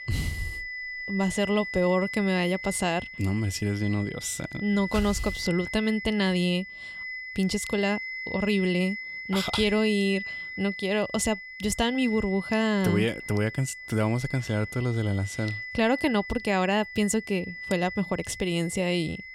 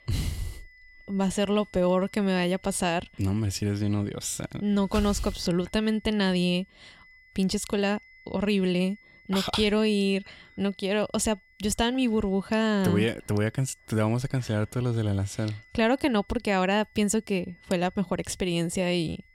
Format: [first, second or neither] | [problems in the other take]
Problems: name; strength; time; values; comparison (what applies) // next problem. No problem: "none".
second | high-pitched whine; loud; throughout; 2 kHz, 9 dB below the speech; faint in the second